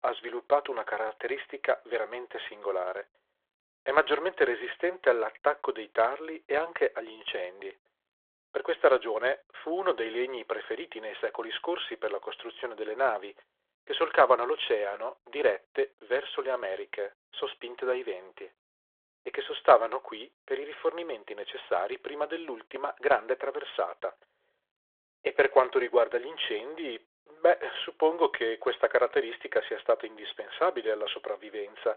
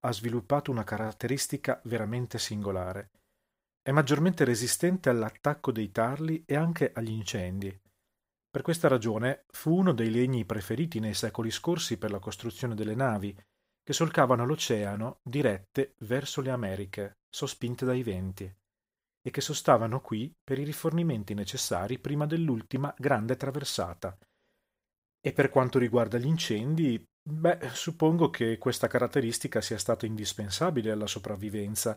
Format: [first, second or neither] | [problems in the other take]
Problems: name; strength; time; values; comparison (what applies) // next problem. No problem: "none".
second | phone-call audio; nothing above 3.5 kHz